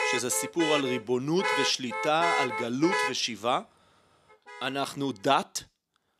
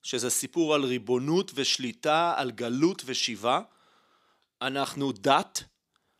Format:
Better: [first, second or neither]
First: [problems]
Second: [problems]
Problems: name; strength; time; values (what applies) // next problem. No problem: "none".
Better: second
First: traffic noise; loud; until 5 s; 2 dB below the speech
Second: none